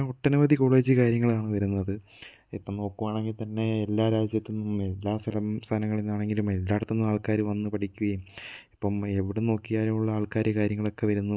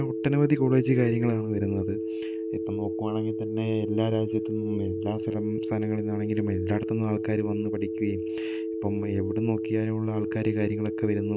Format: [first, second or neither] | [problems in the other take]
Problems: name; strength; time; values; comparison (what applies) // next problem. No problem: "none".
first | background sound (Telephone); 3 dB below the speech